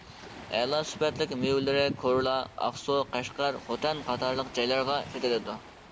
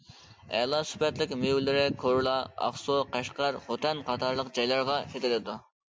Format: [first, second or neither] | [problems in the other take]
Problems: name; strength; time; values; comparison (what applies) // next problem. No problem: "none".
second | background sound (Waves, surf); 18 dB below the speech